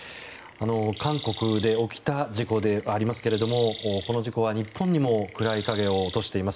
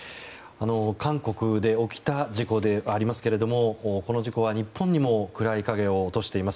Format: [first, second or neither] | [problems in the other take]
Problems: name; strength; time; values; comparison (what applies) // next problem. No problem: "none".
second | background sound (Chirp, tweet); 16 dB below the speech